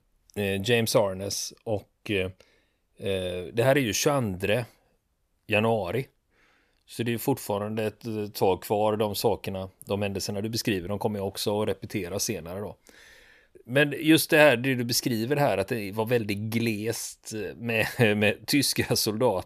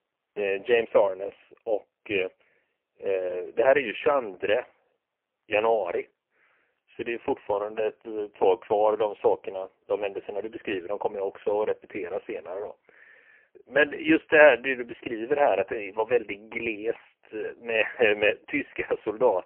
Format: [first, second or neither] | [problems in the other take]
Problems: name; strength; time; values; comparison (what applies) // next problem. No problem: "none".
first | phone-call audio; poor line; nothing above 3 kHz